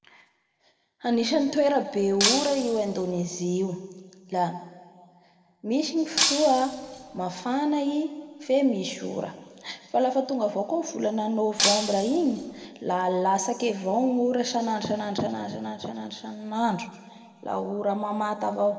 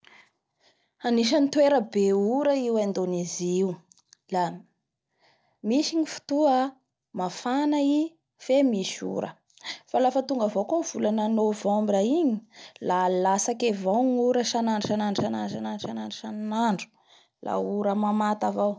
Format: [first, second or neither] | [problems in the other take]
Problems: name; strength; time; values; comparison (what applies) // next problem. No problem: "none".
second | background sound (Shatter); 2 dB below the speech // room echo; dies away in 1.6 s